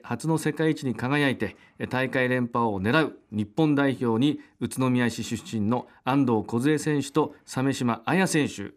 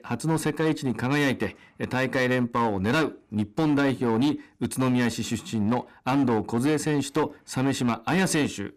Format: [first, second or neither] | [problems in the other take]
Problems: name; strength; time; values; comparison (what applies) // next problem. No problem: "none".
first | distortion; slight; 10% of the sound clipped